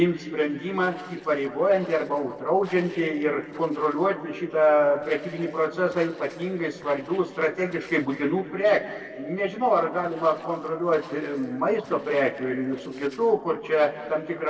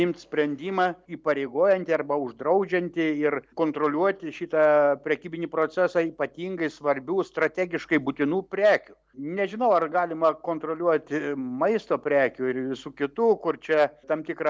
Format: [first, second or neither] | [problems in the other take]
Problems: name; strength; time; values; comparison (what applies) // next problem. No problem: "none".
second | noise reduction (neural separator model SepFormer DNS4)